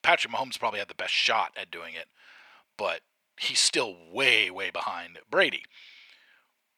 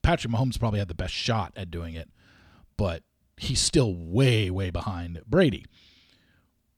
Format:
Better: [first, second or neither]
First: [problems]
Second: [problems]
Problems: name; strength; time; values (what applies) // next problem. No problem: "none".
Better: second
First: thin; very; fading below 650 Hz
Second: none